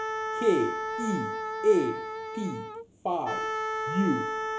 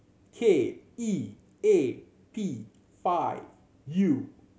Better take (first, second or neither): second